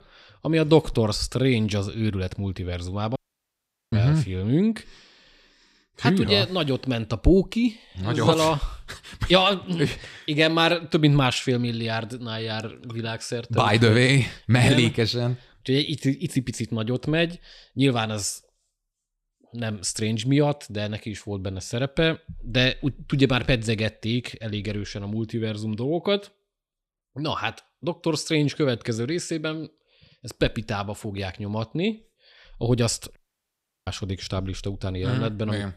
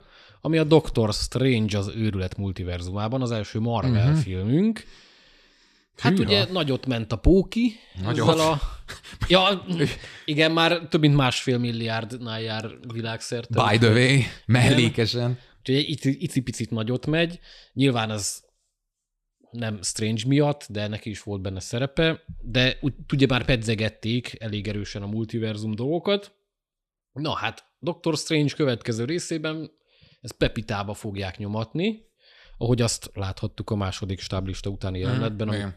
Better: second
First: audio cutting out; at 3 s for 1 s and at 33 s for 0.5 s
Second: none

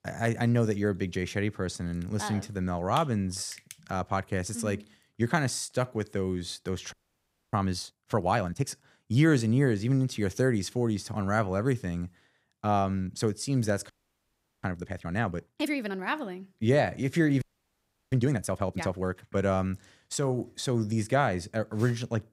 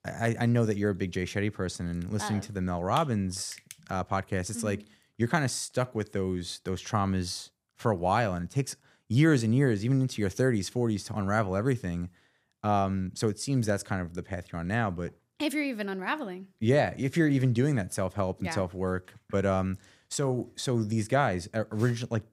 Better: second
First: audio freezing; at 7 s for 0.5 s, at 14 s for 0.5 s and at 17 s for 0.5 s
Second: none

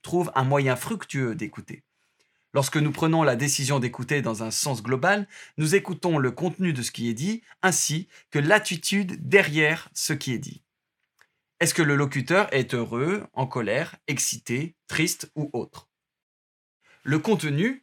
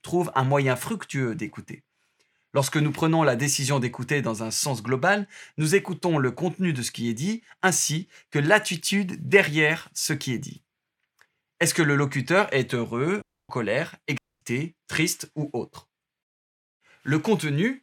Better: first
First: none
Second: audio cutting out; at 13 s and at 14 s

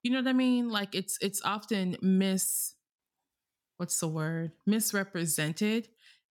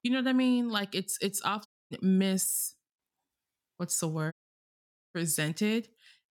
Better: first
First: none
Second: audio cutting out; at 1.5 s and at 4.5 s for 1 s

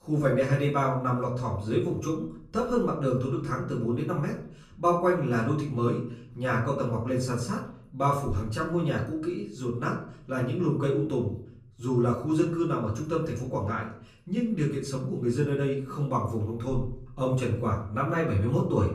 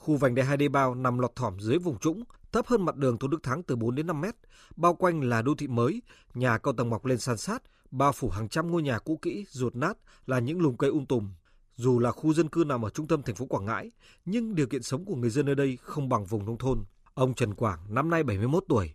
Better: second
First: off-mic speech; far // room echo; slight; dies away in 0.5 s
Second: none

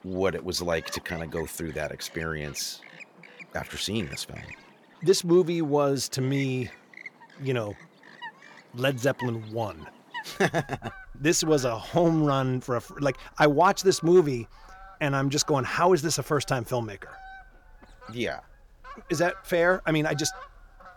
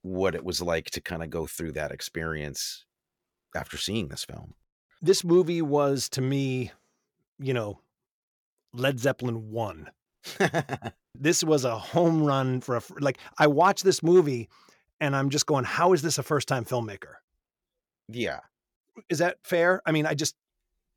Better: second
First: animal sounds; noticeable; throughout; 20 dB below the speech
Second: none

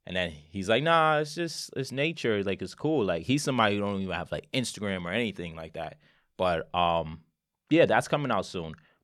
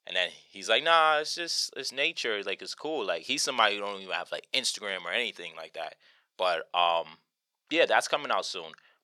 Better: first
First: none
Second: thin; very; fading below 600 Hz

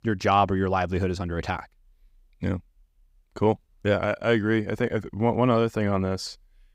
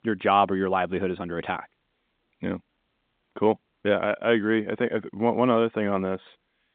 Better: first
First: none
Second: phone-call audio; nothing above 3.5 kHz

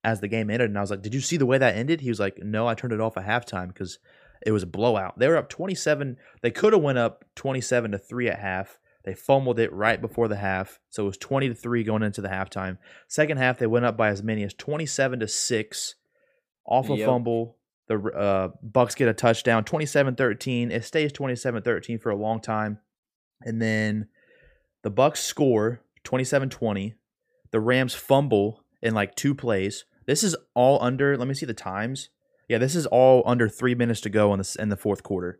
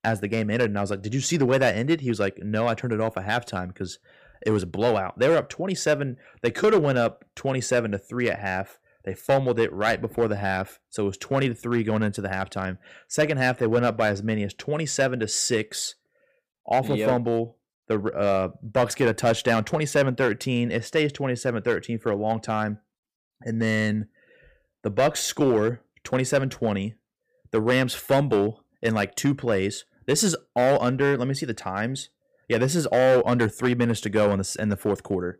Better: first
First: none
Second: distortion; slight; 3% of the sound clipped

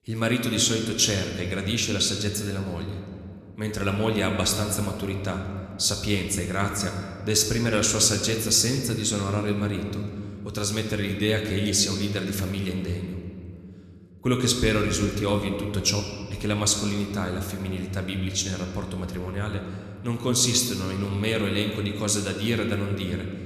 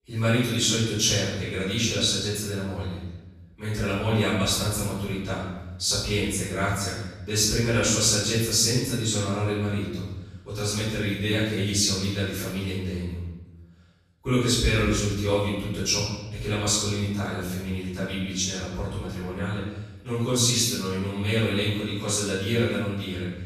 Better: first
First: room echo; slight; dies away in 2.1 s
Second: room echo; strong; dies away in 1 s // off-mic speech; far

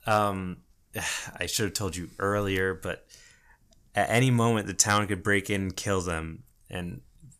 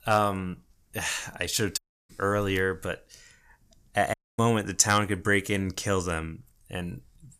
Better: first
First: none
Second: audio cutting out; at 2 s and at 4 s

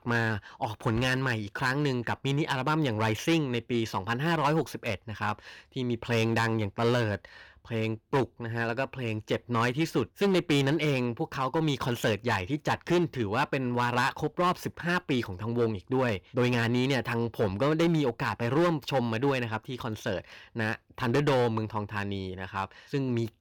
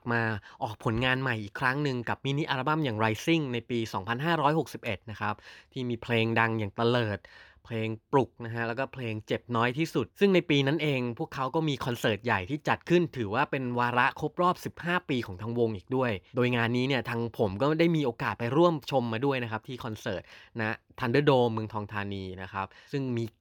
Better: second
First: distortion; slight; 6% of the sound clipped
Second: none

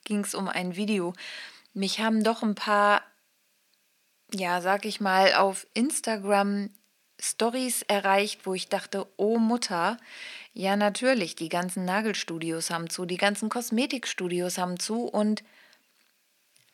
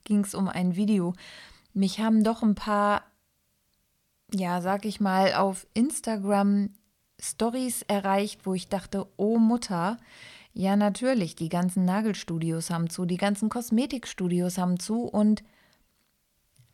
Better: second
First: thin; very slightly; fading below 250 Hz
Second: none

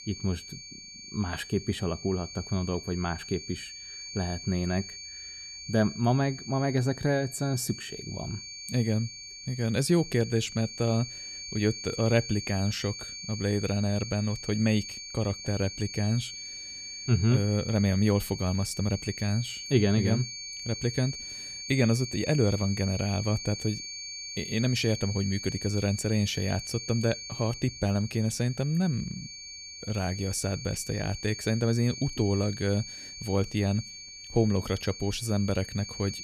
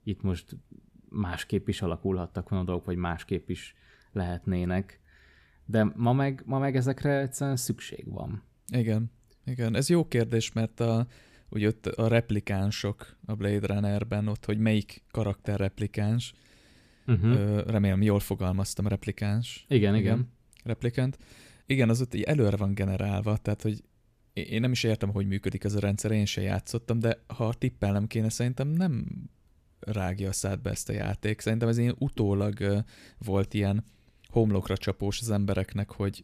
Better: second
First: high-pitched whine; loud; throughout; 4.5 kHz, 9 dB below the speech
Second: none

